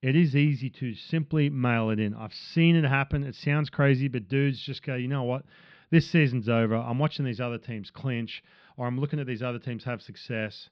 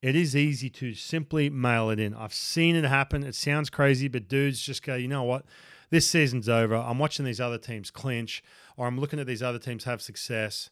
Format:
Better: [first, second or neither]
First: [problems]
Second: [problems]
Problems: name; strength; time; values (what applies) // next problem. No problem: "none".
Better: second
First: muffled; slightly; fading above 4 kHz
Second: none